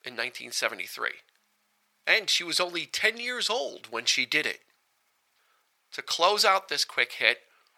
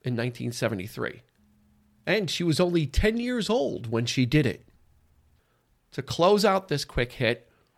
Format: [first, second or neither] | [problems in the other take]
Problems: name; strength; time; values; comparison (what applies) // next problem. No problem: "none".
second | thin; very; fading below 850 Hz